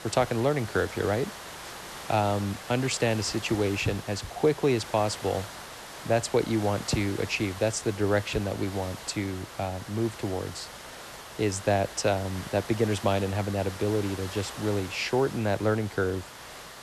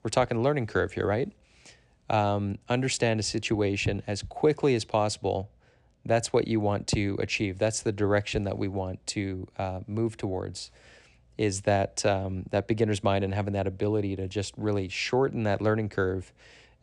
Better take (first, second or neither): second